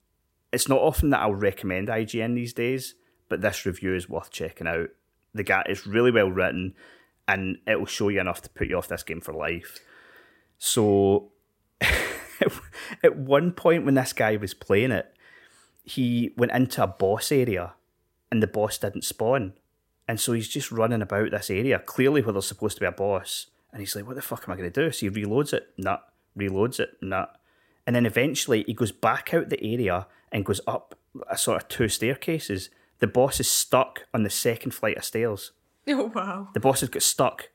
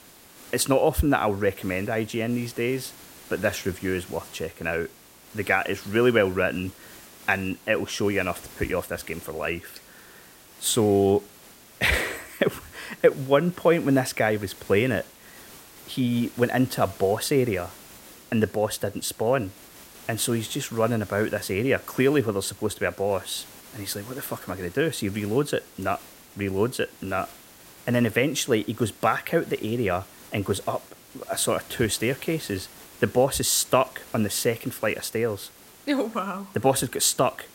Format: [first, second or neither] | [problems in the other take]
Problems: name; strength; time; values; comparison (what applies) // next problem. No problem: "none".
first | hiss; faint; throughout; 20 dB below the speech